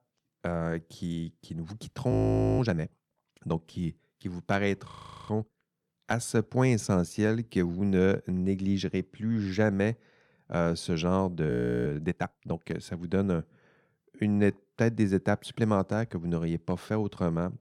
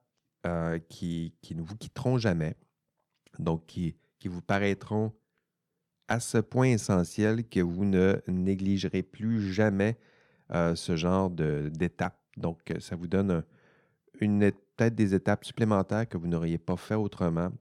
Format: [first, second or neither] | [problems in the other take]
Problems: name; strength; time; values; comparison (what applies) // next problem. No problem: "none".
second | audio freezing; at 2 s, at 5 s and at 12 s